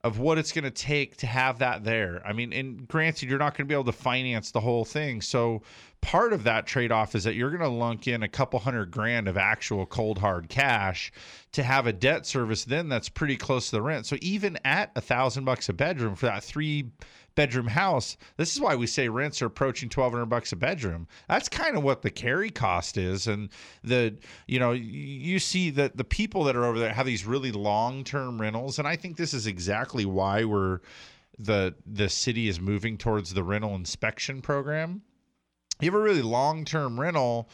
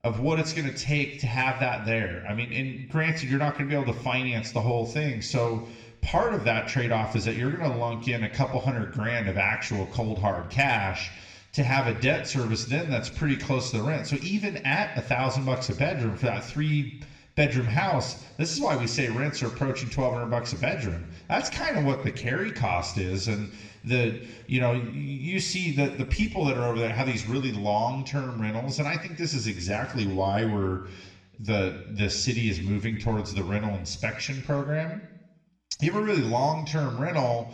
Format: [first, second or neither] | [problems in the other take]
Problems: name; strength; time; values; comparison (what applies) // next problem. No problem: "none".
first | room echo; slight; dies away in 0.8 s // off-mic speech; somewhat distant